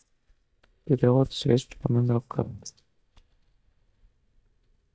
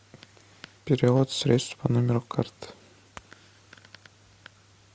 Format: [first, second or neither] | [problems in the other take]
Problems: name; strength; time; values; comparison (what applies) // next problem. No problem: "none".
second | noise reduction (neural mask model DeepFilterNet 3)